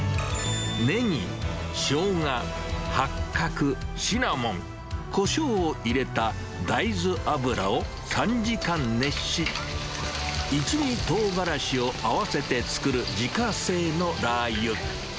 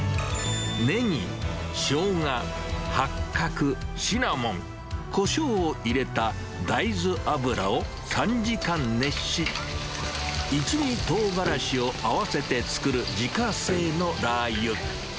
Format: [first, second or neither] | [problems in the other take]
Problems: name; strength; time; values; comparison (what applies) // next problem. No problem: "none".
first | background sound (Piano); 13 dB below the speech